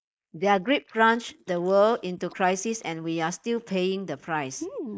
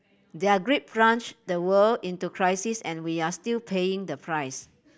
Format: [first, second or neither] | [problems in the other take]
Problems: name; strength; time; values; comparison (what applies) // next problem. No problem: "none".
second | noise reduction (neural mask model Resemble Enhance denoiser)